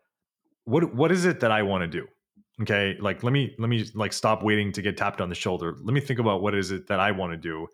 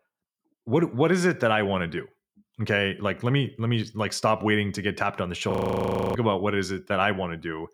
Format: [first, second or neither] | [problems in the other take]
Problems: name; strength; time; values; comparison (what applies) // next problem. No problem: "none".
first | audio freezing; at 5.5 s for 0.5 s